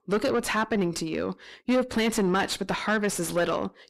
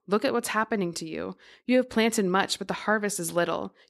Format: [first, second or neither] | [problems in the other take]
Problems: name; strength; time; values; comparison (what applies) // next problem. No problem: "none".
second | distortion; heavy; 7 dB below the speech